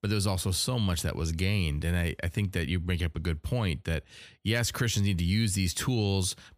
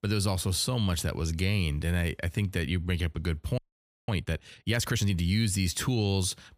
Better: first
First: none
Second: audio freezing; at 3.5 s for 0.5 s

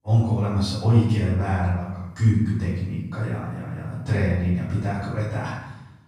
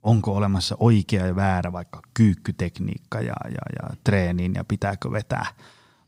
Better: second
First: room echo; strong; dies away in 0.8 s // off-mic speech; far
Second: none

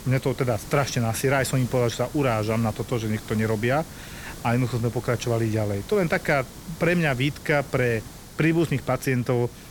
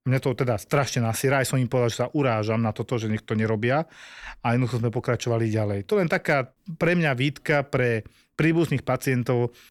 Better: second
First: hiss; noticeable; throughout; 15 dB below the speech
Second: none

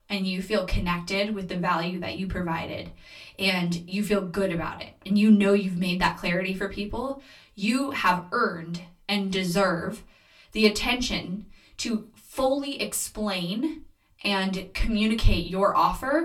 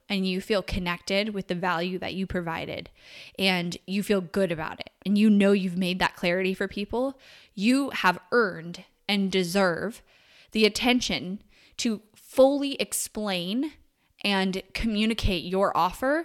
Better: second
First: off-mic speech; far // room echo; very slight; dies away in 0.2 s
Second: none

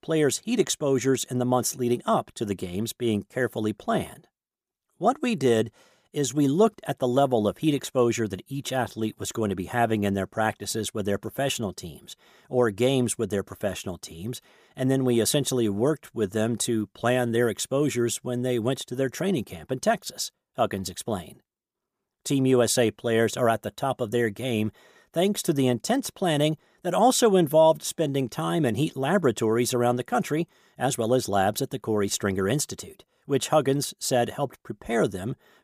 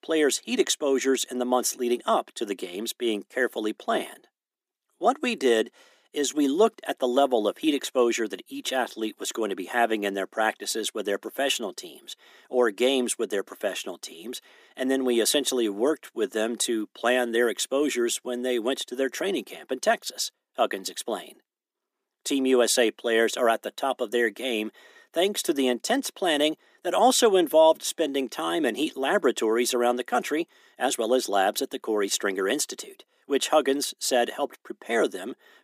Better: first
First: none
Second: thin; very slightly; fading below 250 Hz

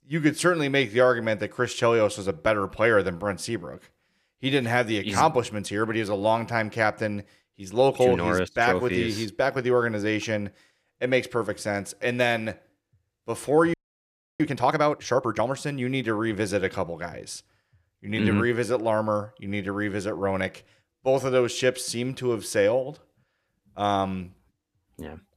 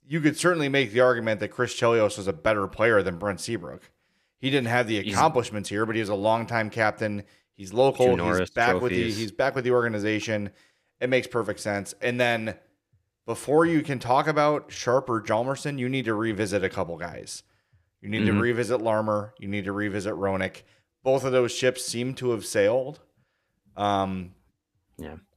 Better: second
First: audio freezing; at 14 s for 0.5 s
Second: none

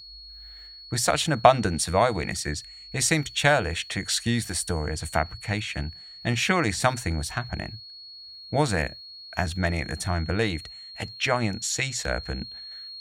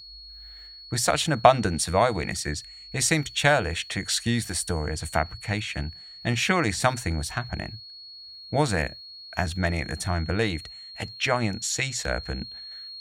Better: neither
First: high-pitched whine; noticeable; throughout; 4.5 kHz, 15 dB below the speech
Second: high-pitched whine; noticeable; throughout; 4.5 kHz, 15 dB below the speech

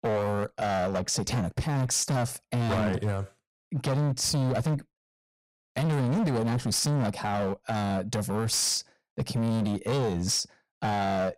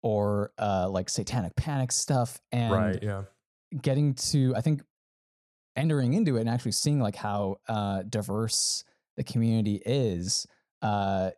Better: second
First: distortion; heavy; 24% of the sound clipped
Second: none

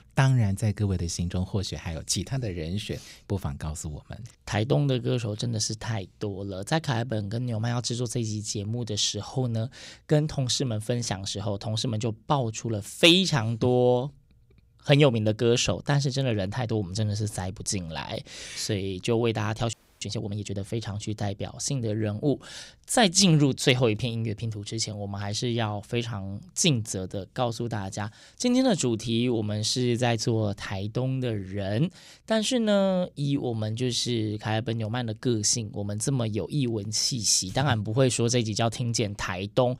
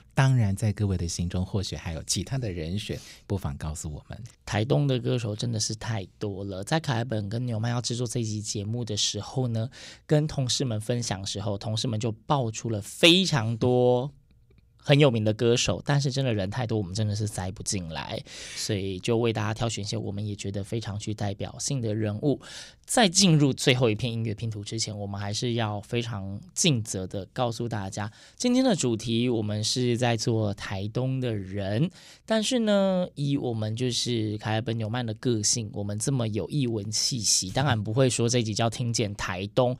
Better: second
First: audio freezing; at 20 s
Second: none

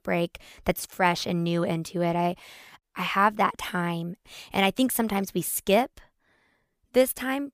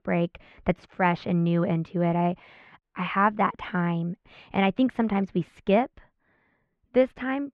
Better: first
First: none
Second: muffled; very; fading above 2.5 kHz

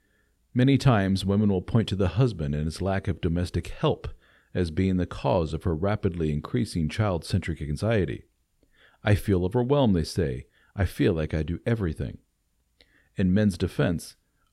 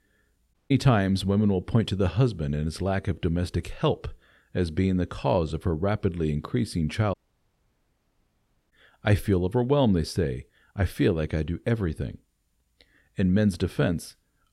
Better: first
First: none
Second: audio cutting out; at 0.5 s and at 7 s for 1.5 s

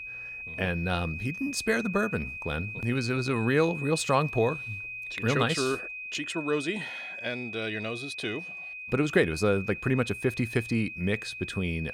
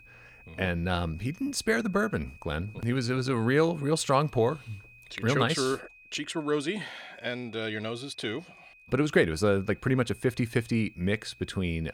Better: second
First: high-pitched whine; loud; throughout; 2.5 kHz, 7 dB below the speech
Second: high-pitched whine; faint; throughout; 2.5 kHz, 25 dB below the speech

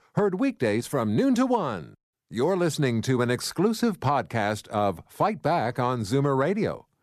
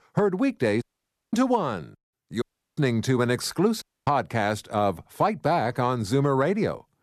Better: first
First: none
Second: audio cutting out; at 1 s for 0.5 s, at 2.5 s and at 4 s

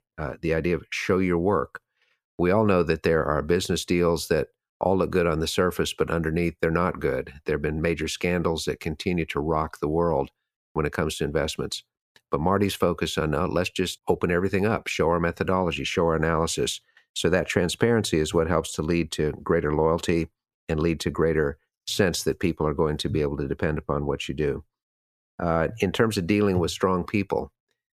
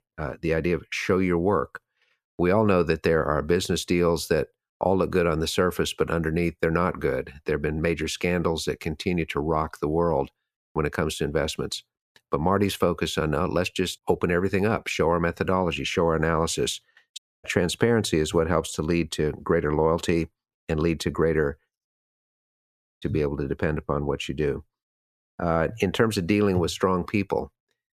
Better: first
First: none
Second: audio cutting out; at 17 s and at 22 s for 1 s

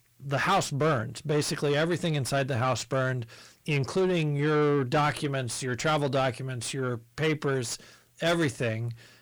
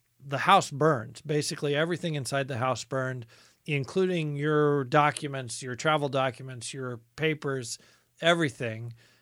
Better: second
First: distortion; heavy; 6 dB below the speech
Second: none

